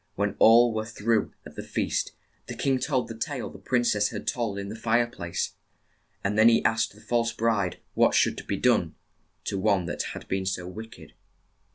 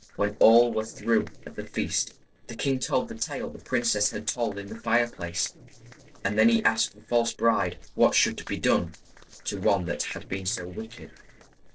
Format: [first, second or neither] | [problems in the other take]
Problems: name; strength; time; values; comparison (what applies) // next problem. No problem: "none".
first | noise reduction (neural separator model SepFormer DNS4)